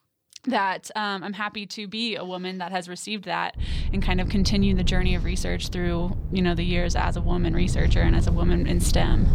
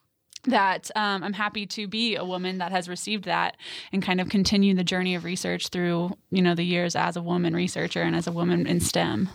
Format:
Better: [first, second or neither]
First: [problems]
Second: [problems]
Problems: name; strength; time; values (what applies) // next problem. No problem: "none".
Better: second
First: low rumble; noticeable; from 3.5 s on; 15 dB below the speech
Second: none